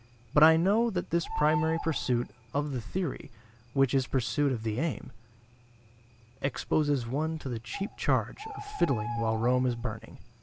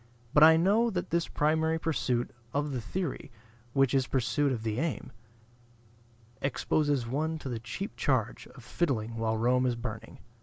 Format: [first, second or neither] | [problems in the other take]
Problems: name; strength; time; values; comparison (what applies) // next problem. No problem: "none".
second | background sound (Bird); 14 dB below the speech